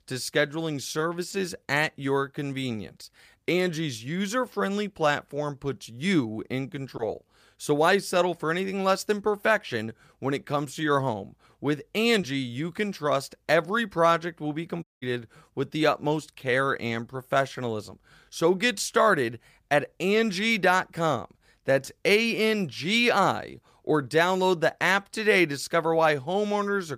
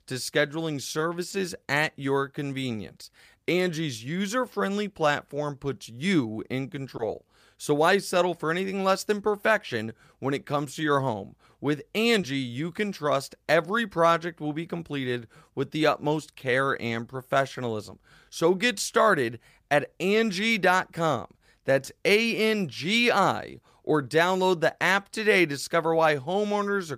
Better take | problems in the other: second | audio cutting out; at 15 s

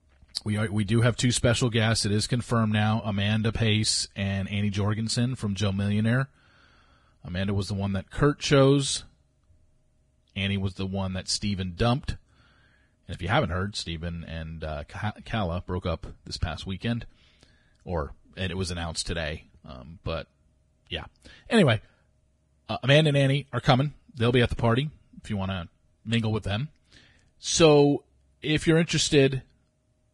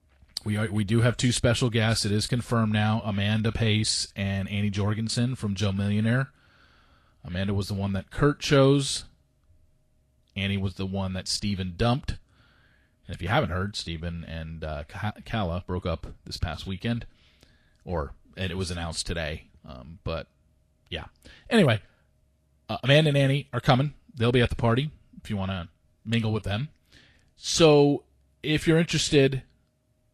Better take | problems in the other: second | garbled, watery; badly; nothing above 10 kHz; slightly in the second

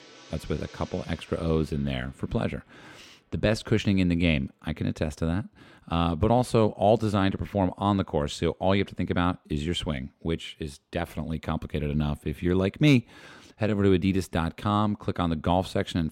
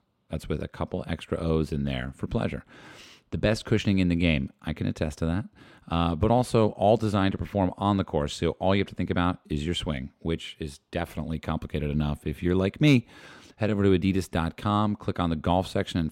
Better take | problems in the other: second | background music; faint; throughout; 25 dB below the speech

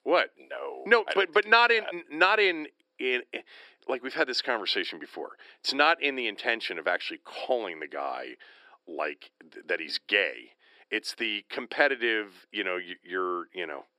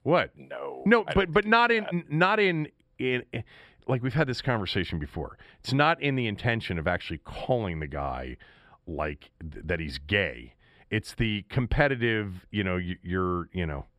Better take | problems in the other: second | thin; very; fading below 300 Hz

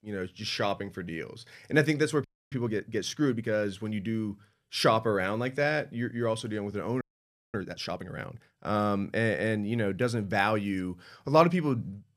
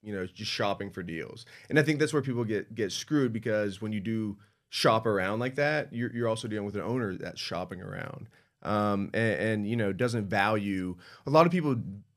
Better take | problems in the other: second | audio freezing; at 2 s and at 7 s for 0.5 s

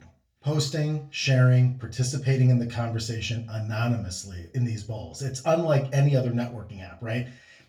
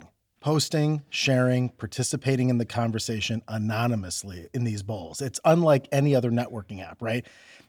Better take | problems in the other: second | room echo; very slight; dies away in 0.3 s // off-mic speech; far

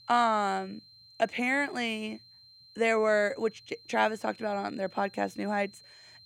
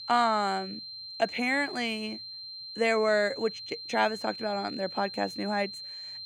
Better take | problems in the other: first | high-pitched whine; loud; throughout; 4 kHz, 10 dB below the speech; faint in the first

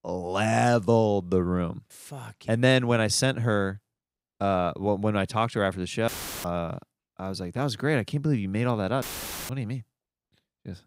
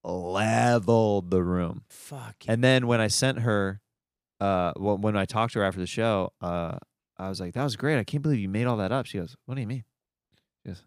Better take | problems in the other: second | audio cutting out; filled with static; at 6 s and at 9 s

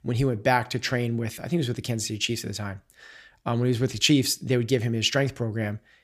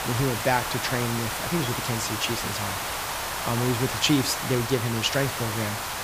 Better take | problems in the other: first | hiss; loud; throughout; 2 dB below the speech

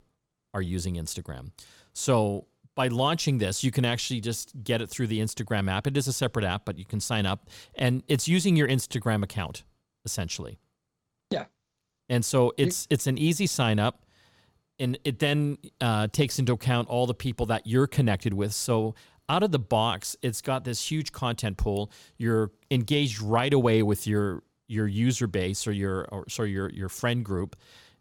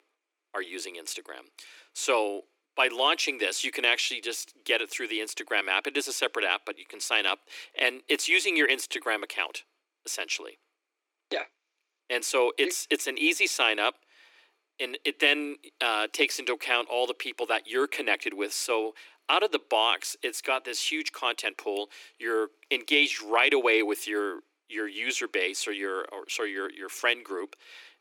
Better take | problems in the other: first | thin; very; fading below 300 Hz

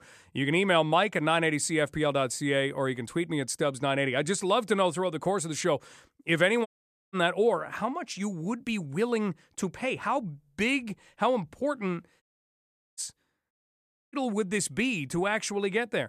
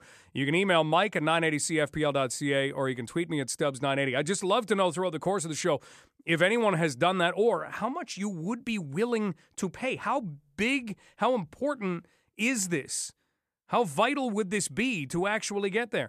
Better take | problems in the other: second | audio cutting out; at 6.5 s, at 12 s for 1 s and at 14 s for 0.5 s

